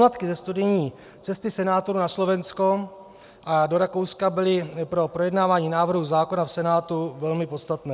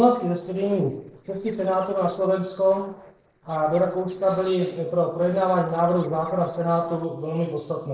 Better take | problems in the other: first | noise reduction (neural separator model SepFormer DNS4)

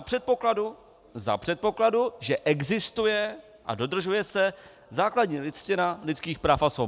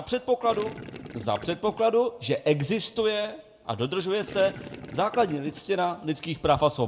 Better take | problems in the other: first | background sound (Gurgling); 14 dB below the speech // room echo; dies away in 0.5 s

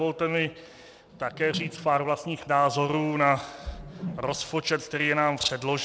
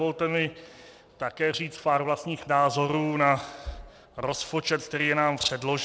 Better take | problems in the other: second | background sound (Whoosh, swoosh, swish); 13 dB below the speech

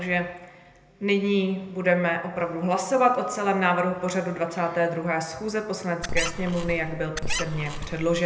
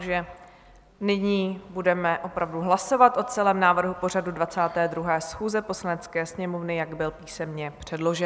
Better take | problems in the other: second | background sound (Squeak); 4 dB below the speech // room echo; dies away in 0.8 s

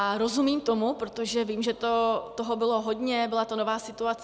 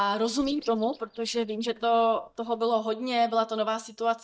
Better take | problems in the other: first | noise reduction (neural mask model DeepFilterNet 3)

